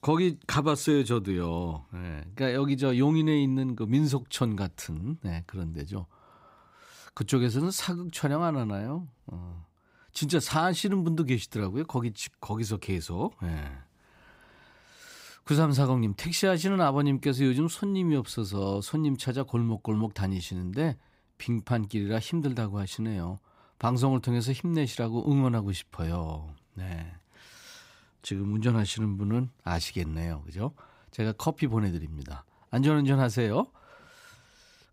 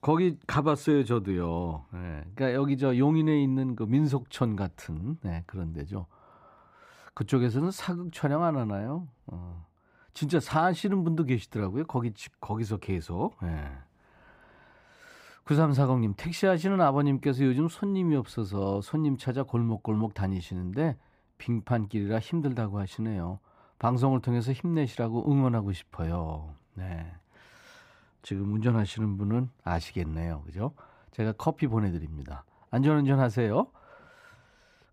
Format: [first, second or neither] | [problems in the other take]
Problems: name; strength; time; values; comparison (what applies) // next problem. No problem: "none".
first | muffled; slightly; fading above 3 kHz